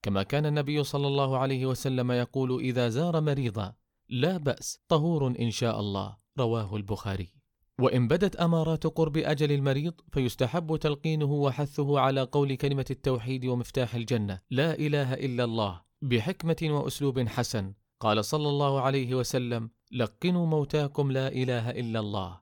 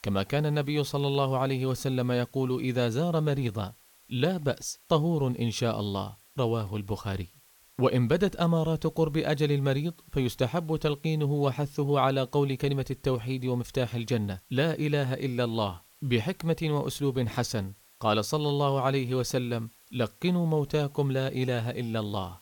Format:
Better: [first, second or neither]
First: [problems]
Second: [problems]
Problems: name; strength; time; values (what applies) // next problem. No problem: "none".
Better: first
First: none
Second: hiss; faint; throughout; 25 dB below the speech